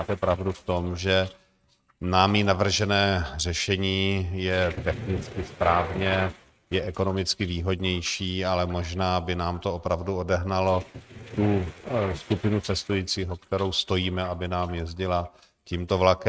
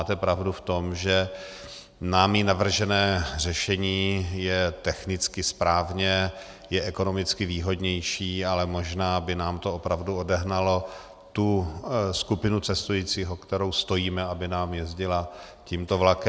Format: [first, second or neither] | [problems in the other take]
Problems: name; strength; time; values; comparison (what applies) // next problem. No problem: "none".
second | noise reduction (neural mask model RNNoise)